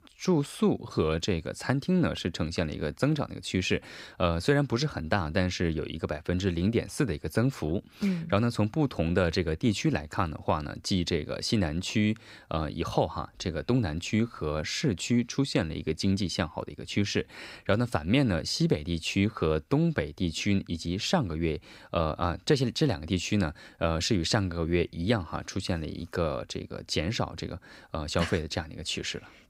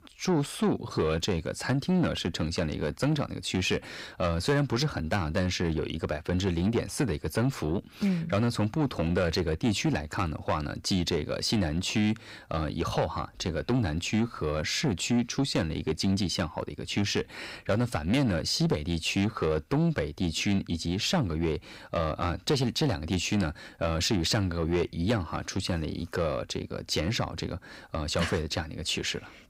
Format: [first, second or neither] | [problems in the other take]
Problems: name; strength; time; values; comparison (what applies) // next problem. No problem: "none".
first | distortion; slight; 10 dB below the speech